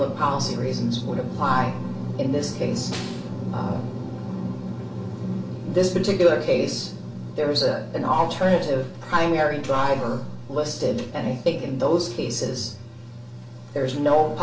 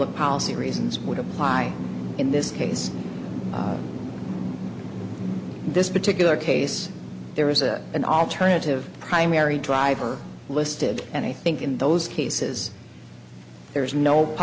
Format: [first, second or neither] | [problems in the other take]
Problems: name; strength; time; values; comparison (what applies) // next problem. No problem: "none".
second | background sound (Snare drum); 18 dB below the speech // room echo; dies away in 0.3 s